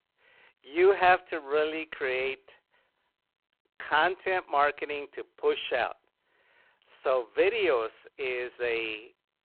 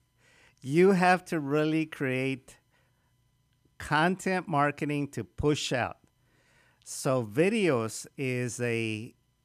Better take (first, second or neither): second